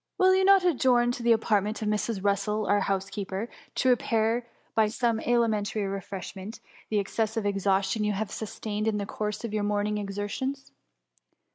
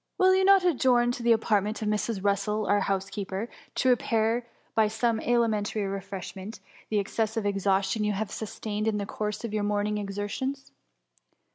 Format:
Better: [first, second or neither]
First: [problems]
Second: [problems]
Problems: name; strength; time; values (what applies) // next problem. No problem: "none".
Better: second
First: noise reduction (neural mask model Resemble Enhance denoiser)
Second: none